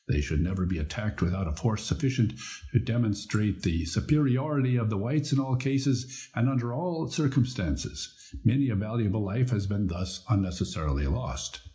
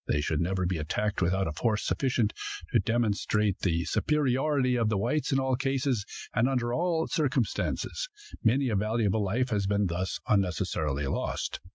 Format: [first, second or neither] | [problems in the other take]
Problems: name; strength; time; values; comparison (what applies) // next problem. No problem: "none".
second | room echo; dies away in 0.4 s